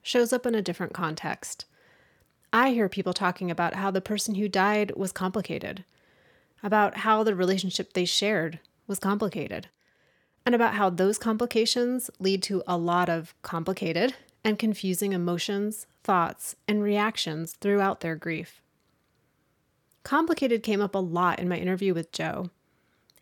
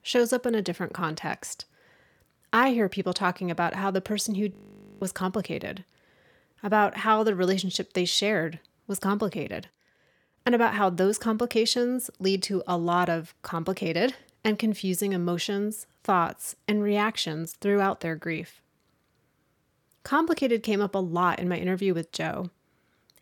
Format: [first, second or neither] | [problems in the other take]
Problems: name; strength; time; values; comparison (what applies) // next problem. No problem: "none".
first | audio freezing; at 4.5 s